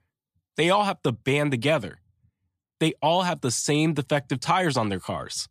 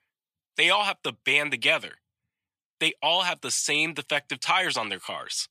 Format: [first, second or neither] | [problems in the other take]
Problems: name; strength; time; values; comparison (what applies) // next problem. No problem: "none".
first | thin; somewhat; fading below 1 kHz